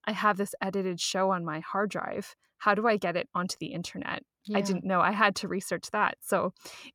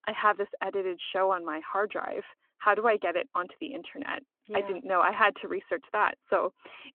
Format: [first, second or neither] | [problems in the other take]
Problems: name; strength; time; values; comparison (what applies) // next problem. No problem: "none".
first | phone-call audio